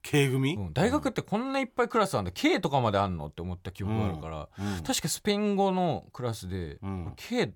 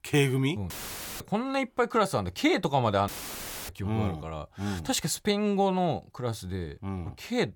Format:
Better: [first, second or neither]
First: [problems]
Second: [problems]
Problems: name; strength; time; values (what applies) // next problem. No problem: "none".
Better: first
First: none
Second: audio cutting out; filled with static; at 0.5 s for 0.5 s and at 3 s for 0.5 s